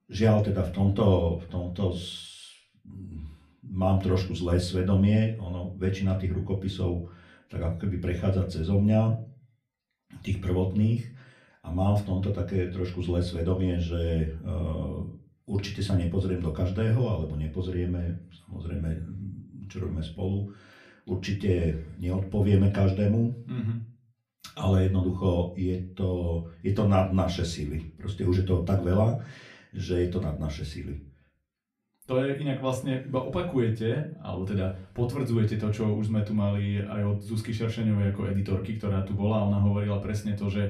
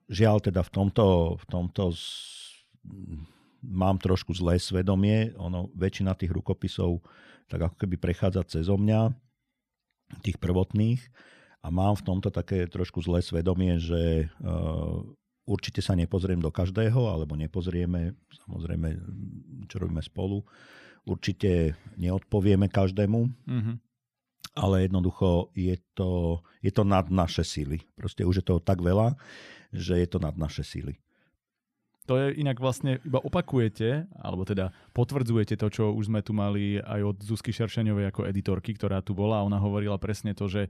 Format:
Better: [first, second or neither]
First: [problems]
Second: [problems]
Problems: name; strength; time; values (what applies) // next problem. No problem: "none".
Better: second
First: off-mic speech; far // room echo; very slight; dies away in 0.3 s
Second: none